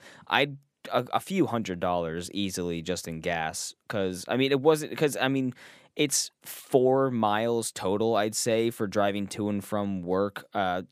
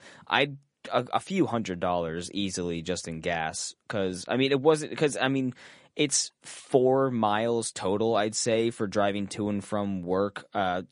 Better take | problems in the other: first | garbled, watery; slightly; nothing above 10.5 kHz

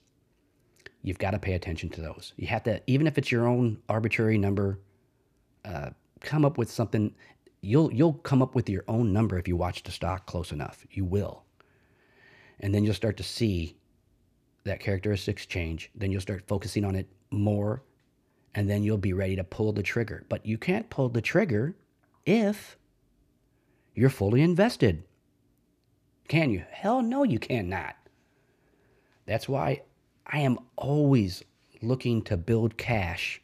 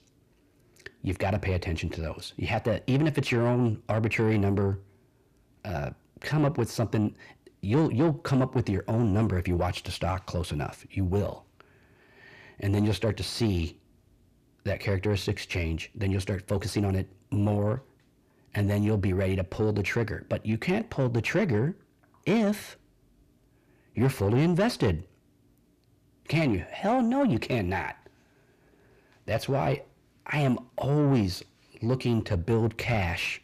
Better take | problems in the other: first | distortion; slight; 10 dB below the speech

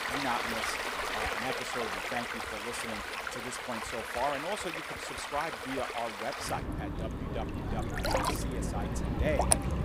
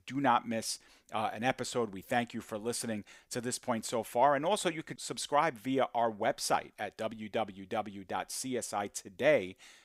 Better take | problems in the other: second | rain or running water; very loud; throughout; 5 dB above the speech

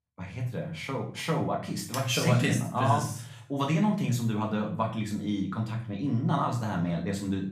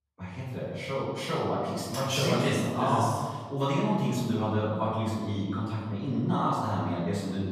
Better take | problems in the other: first | room echo; strong; dies away in 1.3 s; slight in the first // off-mic speech; far; far in the first

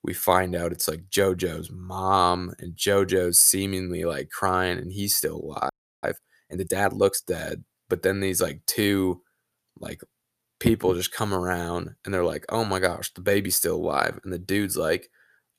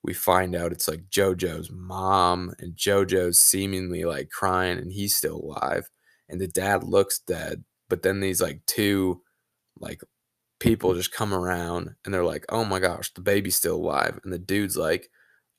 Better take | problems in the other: second | audio freezing; at 5.5 s

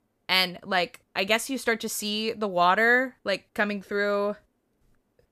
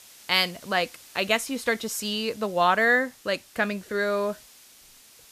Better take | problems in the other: first | hiss; faint; throughout; 25 dB below the speech

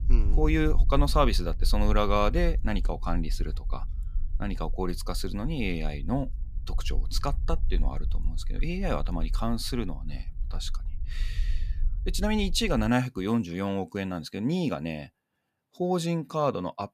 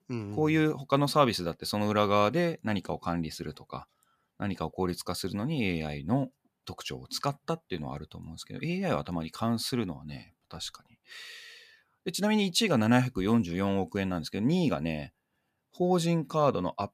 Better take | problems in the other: second | low rumble; faint; until 13 s; 25 dB below the speech

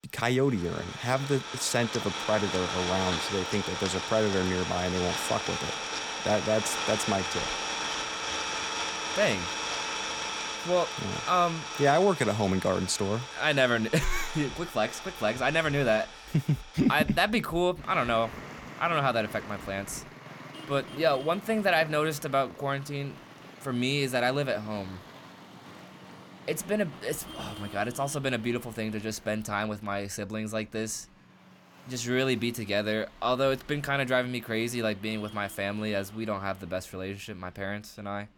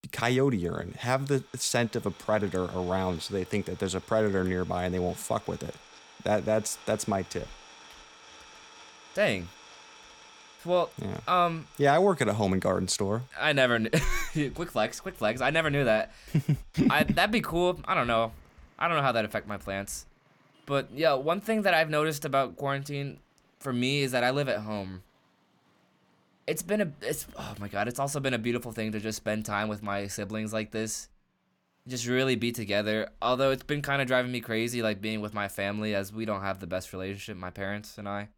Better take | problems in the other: second | traffic noise; loud; throughout; 5 dB below the speech; faint in the second

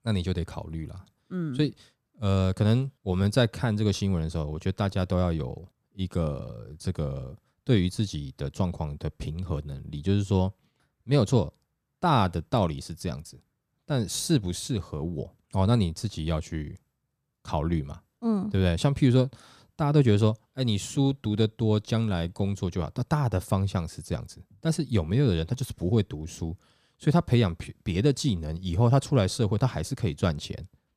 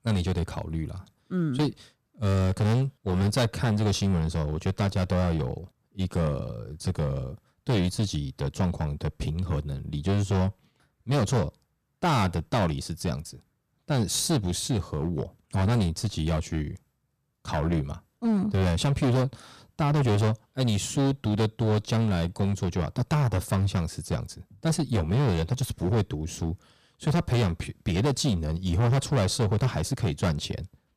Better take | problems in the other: first | distortion; heavy; 13% of the sound clipped

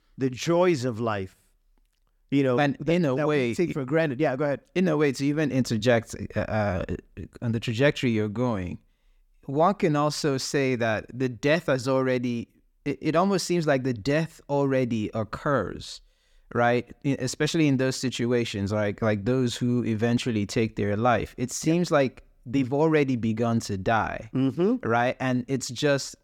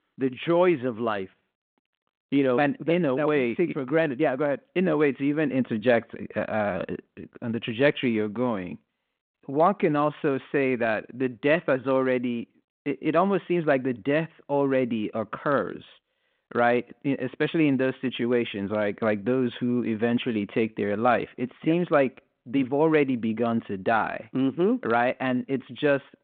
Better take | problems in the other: first | phone-call audio; nothing above 3.5 kHz

